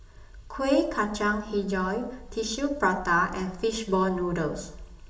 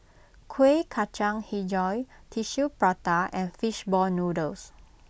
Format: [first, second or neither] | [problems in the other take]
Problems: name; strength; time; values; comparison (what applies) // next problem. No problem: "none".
second | room echo; dies away in 0.6 s